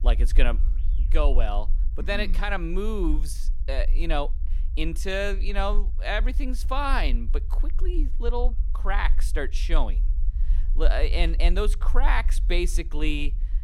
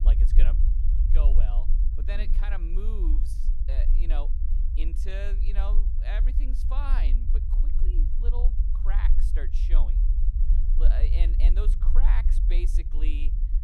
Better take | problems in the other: first | low rumble; loud; throughout; 7 dB below the speech; faint in the first

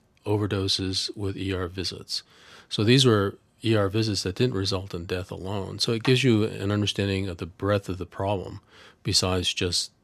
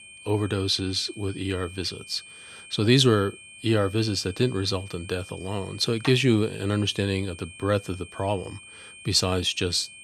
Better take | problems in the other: first | high-pitched whine; noticeable; throughout; 2.5 kHz, 20 dB below the speech

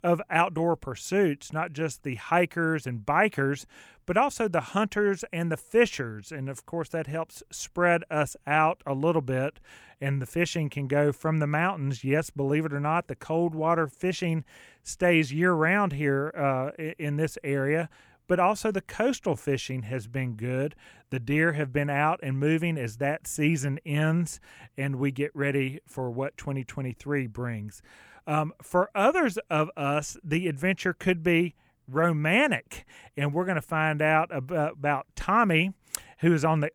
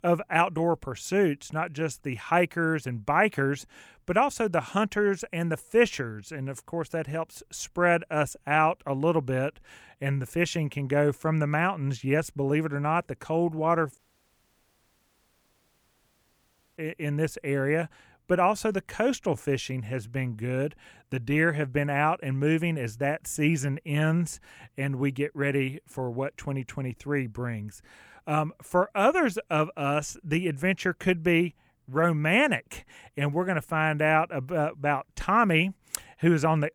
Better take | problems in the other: first | audio cutting out; at 14 s for 3 s

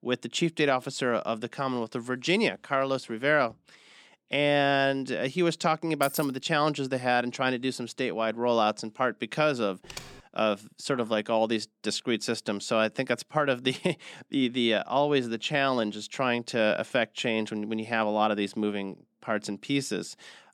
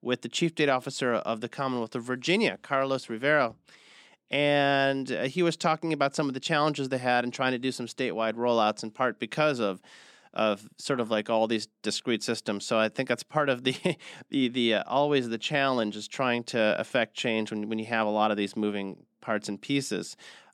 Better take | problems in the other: second | jangling keys; noticeable; at 6 s; peak 9 dB below the speech // keyboard typing; faint; at 10 s; peak 15 dB below the speech

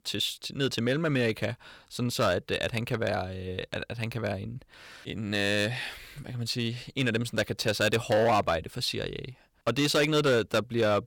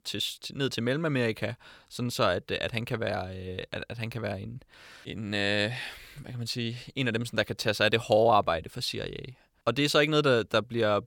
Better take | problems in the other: second | distortion; slight; 4% of the sound clipped

